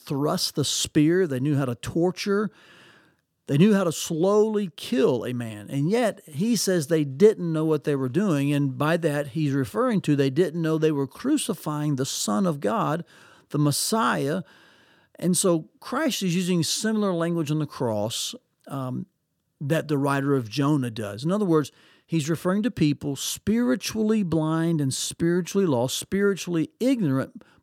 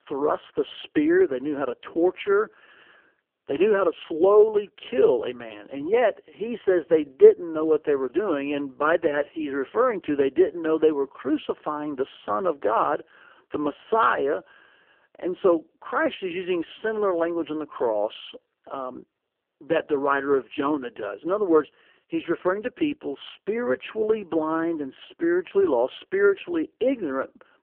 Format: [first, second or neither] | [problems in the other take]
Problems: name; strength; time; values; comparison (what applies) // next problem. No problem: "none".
first | phone-call audio; poor line